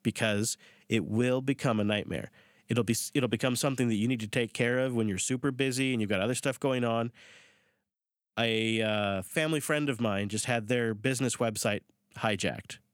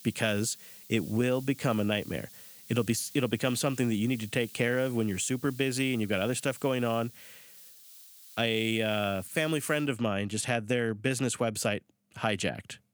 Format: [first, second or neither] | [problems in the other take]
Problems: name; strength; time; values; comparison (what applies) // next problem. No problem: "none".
first | hiss; noticeable; until 10 s; 20 dB below the speech